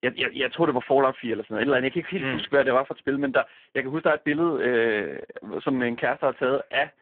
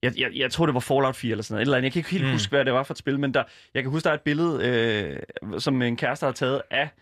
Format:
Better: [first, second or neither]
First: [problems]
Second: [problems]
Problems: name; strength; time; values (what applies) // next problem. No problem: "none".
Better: second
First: phone-call audio; poor line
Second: none